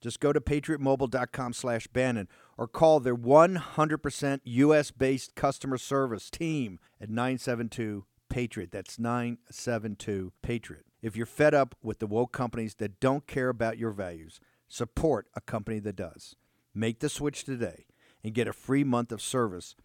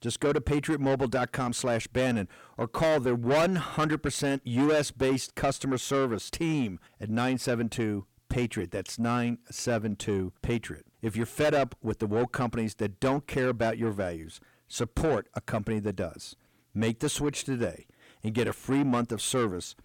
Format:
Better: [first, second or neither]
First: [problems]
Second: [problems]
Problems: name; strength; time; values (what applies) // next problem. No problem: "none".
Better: first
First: none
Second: distortion; heavy; 6 dB below the speech